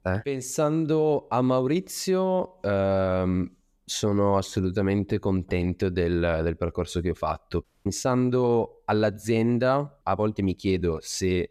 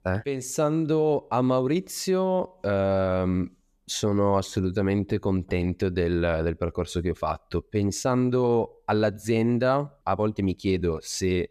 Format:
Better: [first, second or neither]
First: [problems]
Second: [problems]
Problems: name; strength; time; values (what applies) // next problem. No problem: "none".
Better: second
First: audio cutting out; at 7.5 s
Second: none